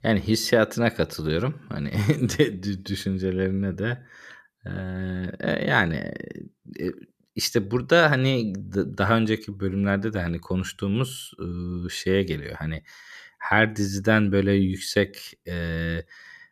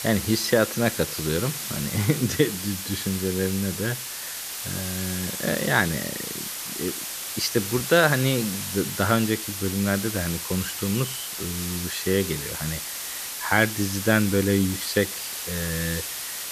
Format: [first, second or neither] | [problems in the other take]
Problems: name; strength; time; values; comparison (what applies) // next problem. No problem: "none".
first | hiss; loud; throughout; 4 dB below the speech